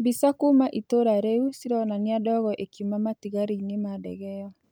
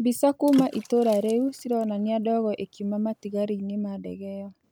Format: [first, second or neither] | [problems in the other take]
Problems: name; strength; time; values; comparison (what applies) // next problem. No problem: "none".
first | background sound (Water / Splash, splatter); 17 dB below the speech